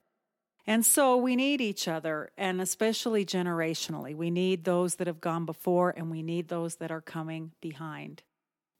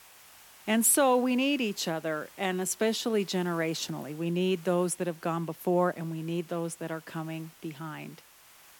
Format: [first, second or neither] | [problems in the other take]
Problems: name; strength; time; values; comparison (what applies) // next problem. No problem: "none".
first | hiss; faint; throughout; 25 dB below the speech